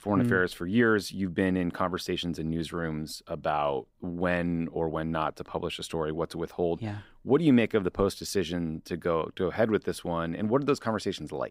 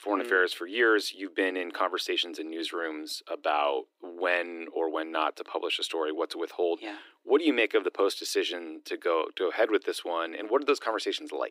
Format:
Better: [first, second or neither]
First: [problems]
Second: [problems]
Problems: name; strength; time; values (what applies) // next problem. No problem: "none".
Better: first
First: none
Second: thin; somewhat; fading below 300 Hz